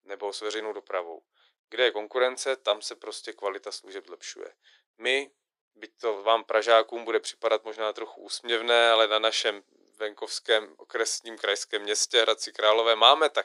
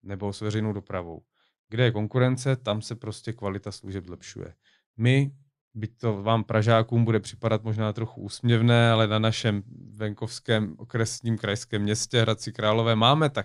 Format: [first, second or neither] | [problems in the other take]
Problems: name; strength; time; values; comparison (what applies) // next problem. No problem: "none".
second | thin; very; fading below 400 Hz